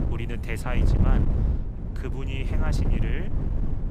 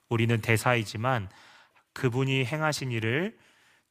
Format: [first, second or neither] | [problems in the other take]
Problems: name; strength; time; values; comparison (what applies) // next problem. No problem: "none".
second | wind noise on the microphone; heavy; 2 dB below the speech